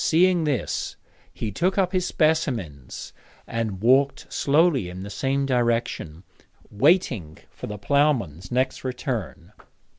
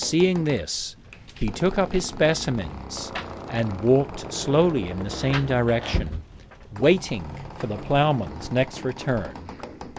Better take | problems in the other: first | background sound (Rain + Squeak); 11 dB below the speech

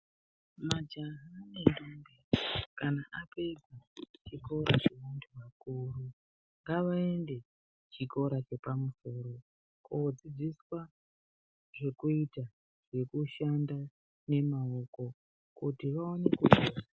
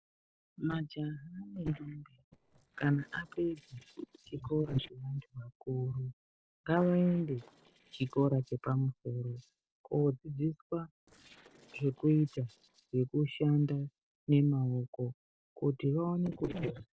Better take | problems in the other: first | noise reduction (neural separator model SepFormer DNS4)

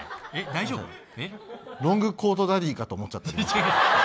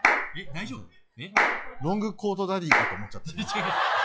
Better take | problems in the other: first | noise reduction (classical method log-MMSE)

